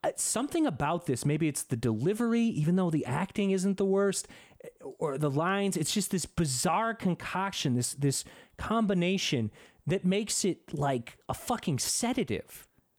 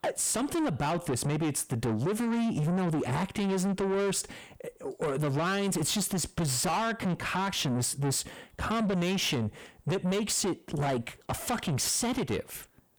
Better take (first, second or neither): first